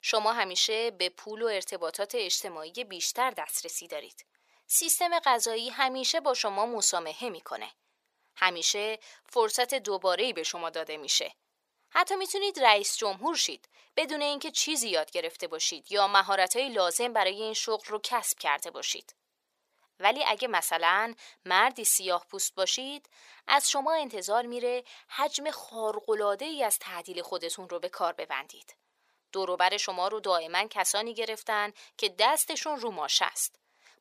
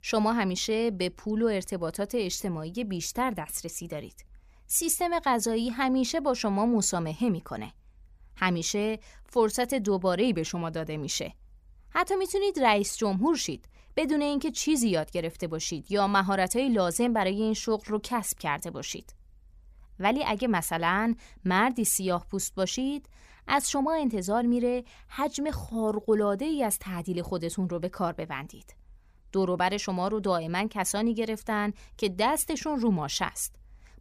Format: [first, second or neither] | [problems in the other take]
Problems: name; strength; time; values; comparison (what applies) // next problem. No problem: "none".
second | thin; very; fading below 500 Hz